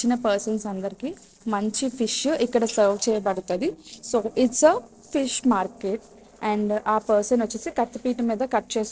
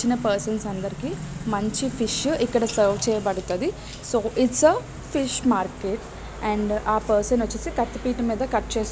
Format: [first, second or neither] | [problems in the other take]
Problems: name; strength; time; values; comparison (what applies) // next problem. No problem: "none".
second | noise reduction (neural separator model SepFormer DNS4)